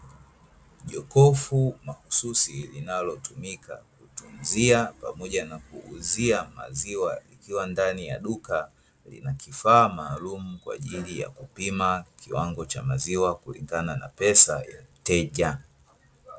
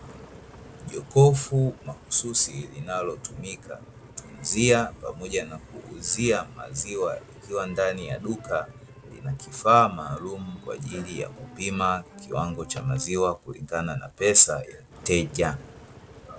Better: first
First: none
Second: background sound (Engine); 20 dB below the speech

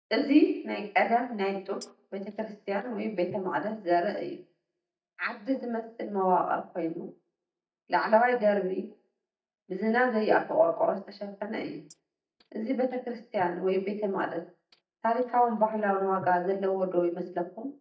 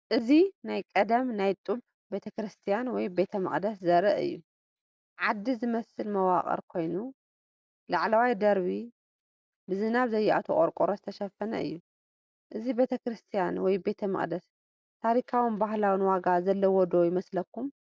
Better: second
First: noise reduction (neural mask model DeepFilterNet 3)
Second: none

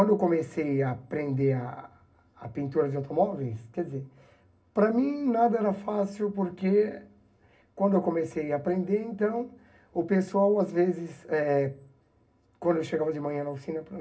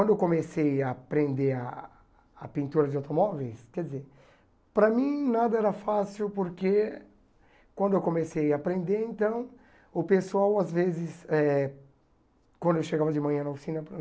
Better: second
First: room echo; dies away in 0.4 s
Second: none

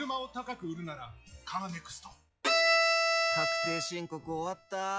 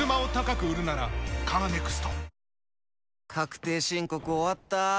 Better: second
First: noise reduction (classical method log-MMSE)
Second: none

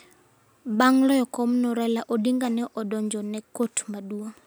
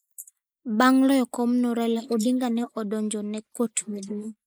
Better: first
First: none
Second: noise reduction (neural mask model Resemble Enhance denoiser)

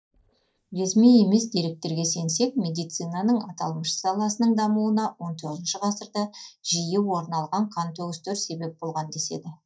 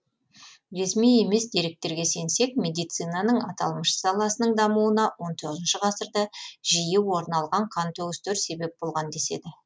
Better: second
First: noise reduction (neural mask model DeepFilterNet 3)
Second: none

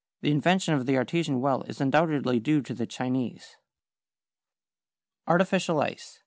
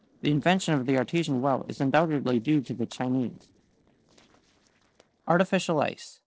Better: first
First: none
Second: noise reduction (neural separator model SepFormer DNS4)

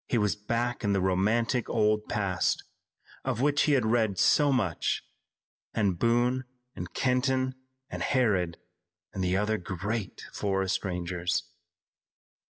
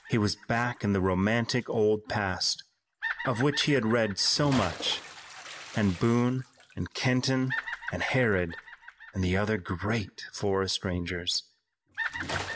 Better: first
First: none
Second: background sound (Bathtub (filling or washing) / Splash, splatter + Bird vocalization, bird call, bird song); 12 dB below the speech

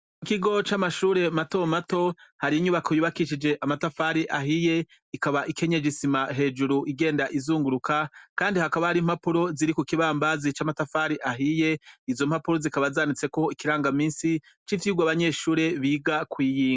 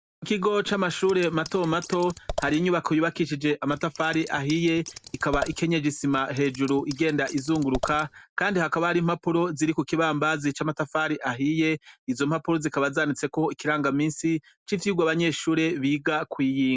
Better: first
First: none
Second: background sound (Scissors); 13 dB below the speech

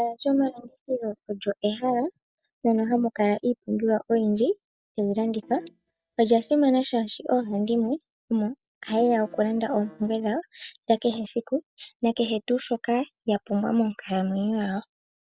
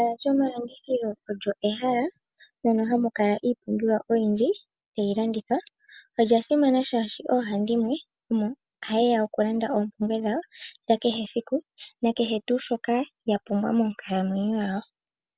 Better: second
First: noise reduction (neural mask model DeepFilterNet 3)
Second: none

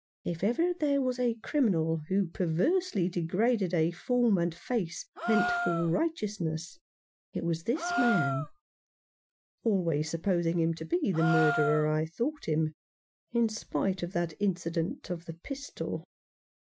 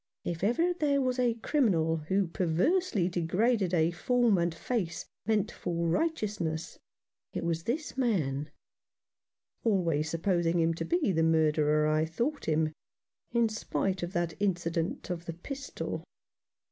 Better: second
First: noise reduction (classical method Wiener filter)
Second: none

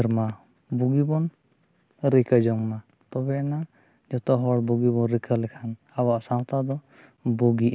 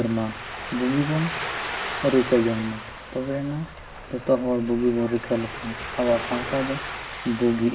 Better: first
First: none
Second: background sound (Ocean); 9 dB below the speech // room echo; dies away in 0.4 s

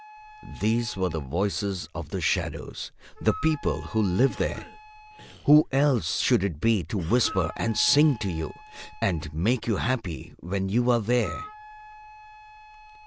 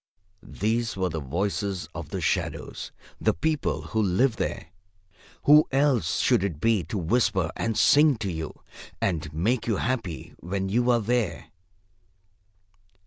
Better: second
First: background sound (Wind instrument, woodwind instrument + Cough); 19 dB below the speech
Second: none

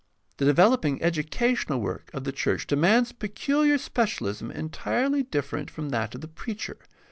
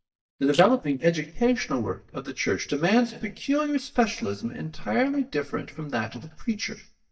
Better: first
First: none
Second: noise reduction (neural mask model DeepFilterNet 3)

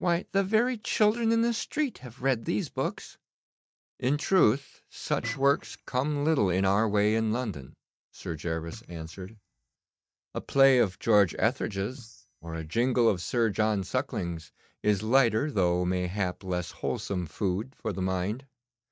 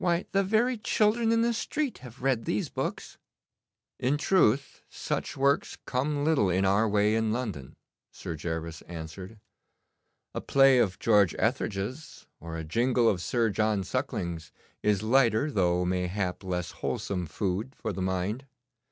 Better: second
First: noise reduction (neural mask model DeepFilterNet 3)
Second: none

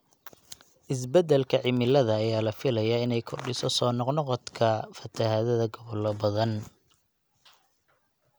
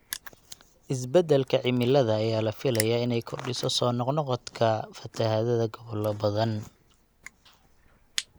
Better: first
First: none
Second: background sound (Crushing); 17 dB below the speech

